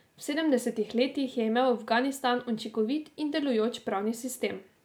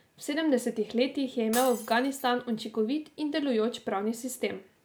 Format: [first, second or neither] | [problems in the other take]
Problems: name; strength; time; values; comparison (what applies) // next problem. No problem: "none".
first | background sound (Shatter); 14 dB below the speech